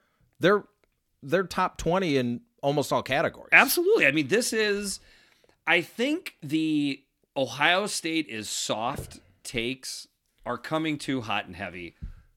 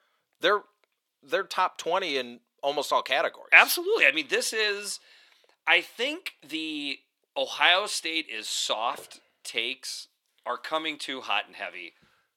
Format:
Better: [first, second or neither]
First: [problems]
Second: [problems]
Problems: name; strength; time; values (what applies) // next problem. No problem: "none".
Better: first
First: none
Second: thin; somewhat; fading below 550 Hz